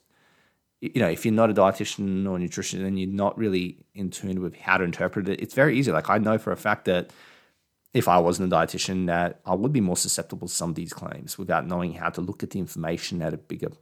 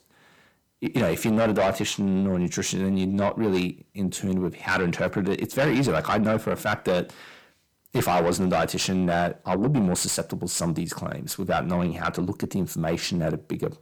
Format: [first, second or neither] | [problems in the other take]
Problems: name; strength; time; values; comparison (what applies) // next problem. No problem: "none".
first | distortion; heavy; 7 dB below the speech